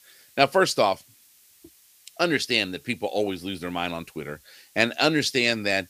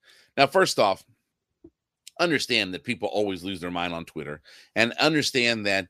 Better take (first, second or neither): second